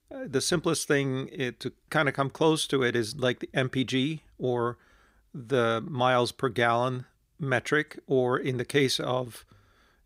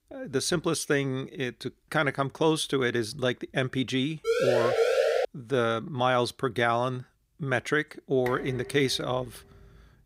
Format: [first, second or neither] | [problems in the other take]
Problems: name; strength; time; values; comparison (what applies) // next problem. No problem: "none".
first | siren; loud; from 4.5 to 5.5 s; peak 4 dB above the speech // clattering dishes; faint; from 8.5 s on; peak 10 dB below the speech